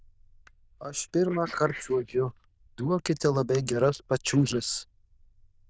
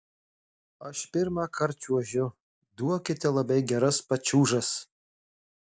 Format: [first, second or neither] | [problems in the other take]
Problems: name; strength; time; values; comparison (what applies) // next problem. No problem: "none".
second | noise reduction (neural diffusion model UNIVERSE++)